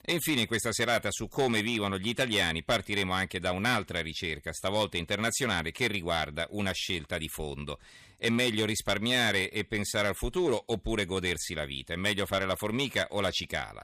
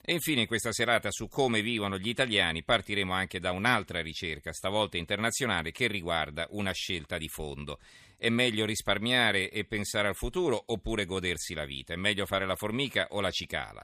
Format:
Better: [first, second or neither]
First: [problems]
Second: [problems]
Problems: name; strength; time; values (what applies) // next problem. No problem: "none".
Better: second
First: distortion; slight; 3% of the sound clipped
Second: none